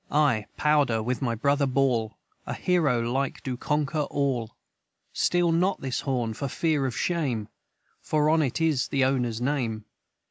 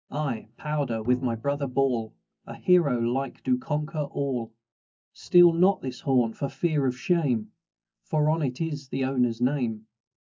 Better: first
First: none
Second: noise reduction (neural mask model DeepFilterNet 3)

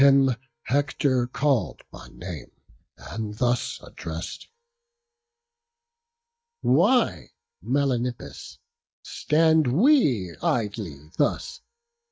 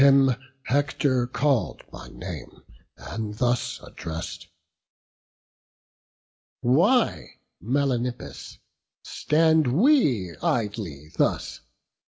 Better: second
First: noise reduction (neural mask model DeepFilterNet 3)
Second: none

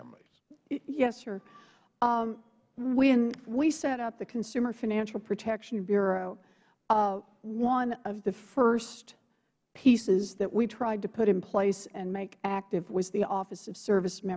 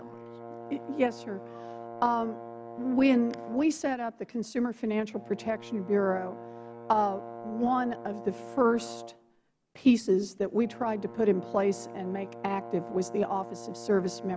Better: first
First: none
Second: background sound (Brass instrument); 14 dB below the speech

